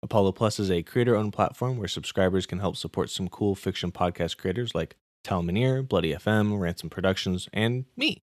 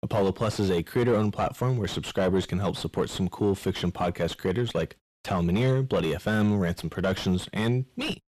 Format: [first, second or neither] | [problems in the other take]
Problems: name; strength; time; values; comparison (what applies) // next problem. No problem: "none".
first | distortion; heavy; 7 dB below the speech